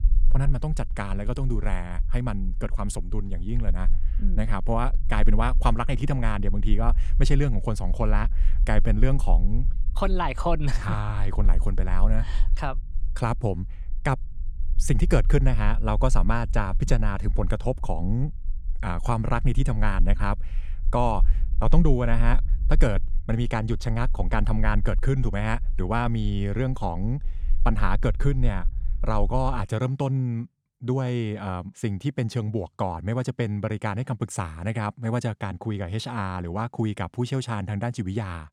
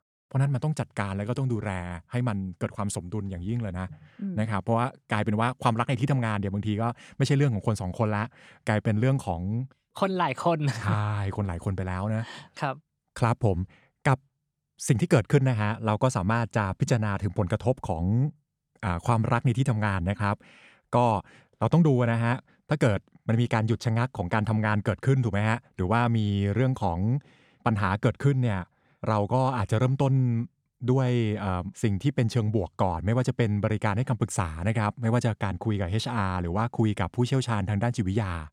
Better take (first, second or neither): second